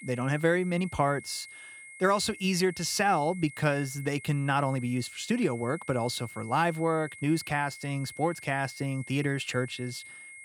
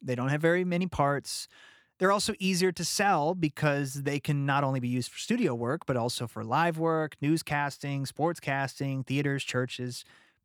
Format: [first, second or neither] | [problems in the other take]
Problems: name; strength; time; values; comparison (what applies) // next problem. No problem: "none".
second | high-pitched whine; noticeable; throughout; 2 kHz, 15 dB below the speech